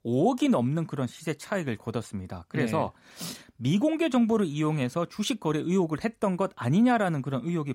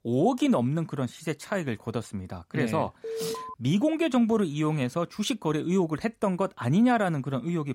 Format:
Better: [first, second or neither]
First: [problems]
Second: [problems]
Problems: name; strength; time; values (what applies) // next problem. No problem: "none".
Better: first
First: none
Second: alarm; noticeable; at 3 s; peak 7 dB below the speech